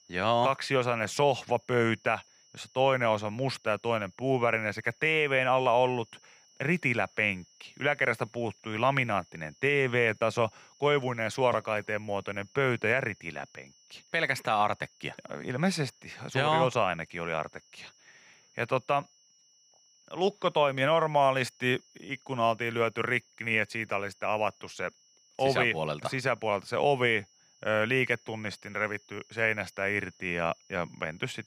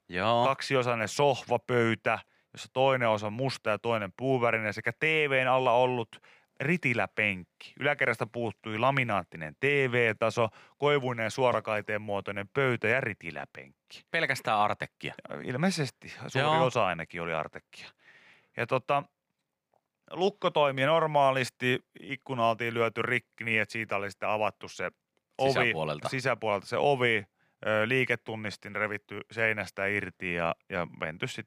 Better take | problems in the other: second | high-pitched whine; faint; throughout; 6 kHz, 30 dB below the speech

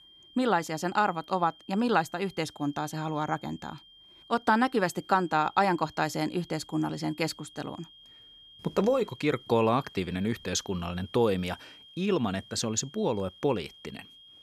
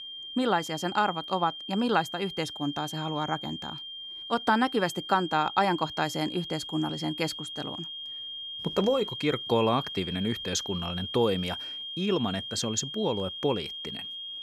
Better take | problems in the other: first | high-pitched whine; loud; throughout; 3 kHz, 7 dB below the speech; faint in the first

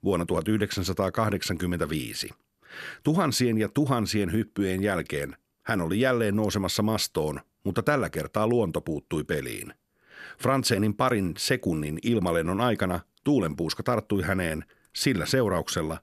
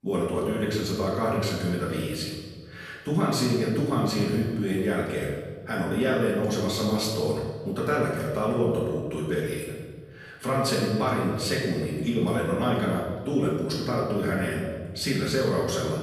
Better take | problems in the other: first | off-mic speech; far // room echo; noticeable; dies away in 1.4 s

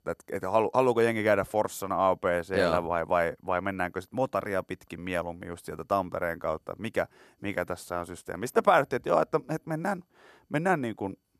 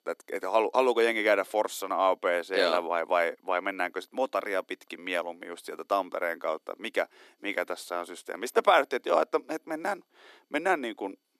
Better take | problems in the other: first | thin; very slightly; fading below 250 Hz

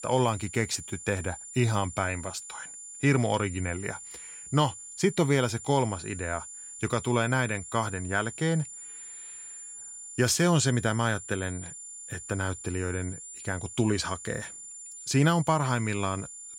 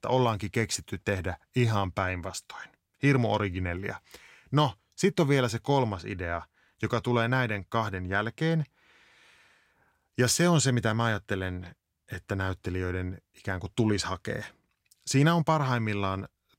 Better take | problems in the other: second | high-pitched whine; noticeable; throughout; 7 kHz, 10 dB below the speech

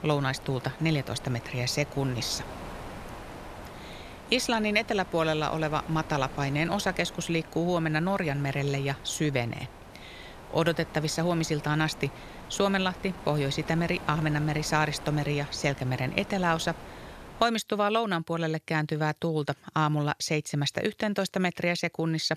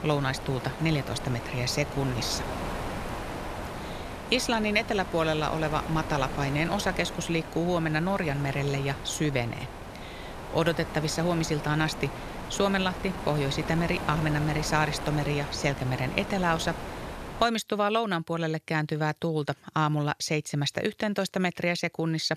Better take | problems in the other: first | wind noise on the microphone; heavy; until 17 s; 8 dB below the speech; occasional gusts in the first

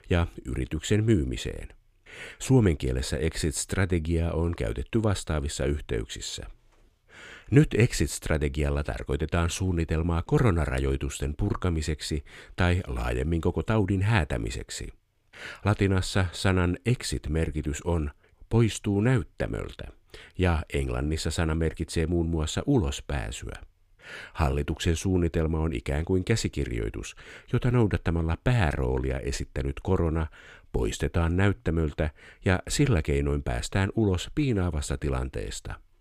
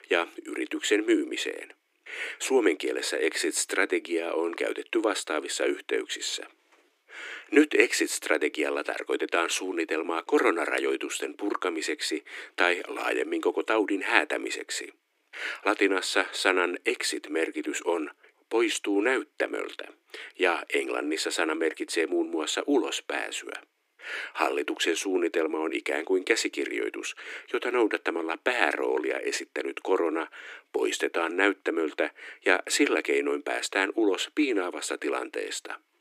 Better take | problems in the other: first | thin; very; fading below 300 Hz

